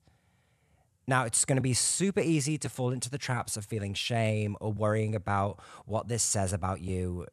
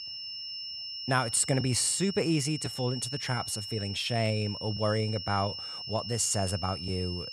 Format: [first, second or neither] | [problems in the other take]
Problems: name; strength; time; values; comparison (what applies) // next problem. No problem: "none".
first | high-pitched whine; loud; throughout; 5.5 kHz, 7 dB below the speech